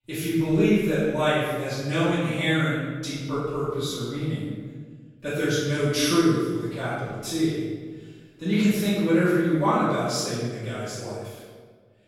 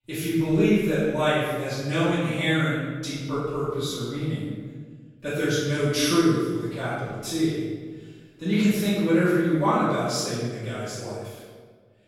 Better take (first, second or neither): neither